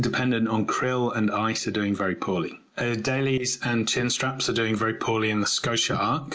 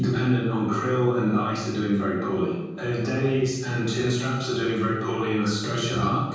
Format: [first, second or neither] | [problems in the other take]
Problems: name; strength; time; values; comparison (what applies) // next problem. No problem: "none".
first | room echo; dies away in 1.3 s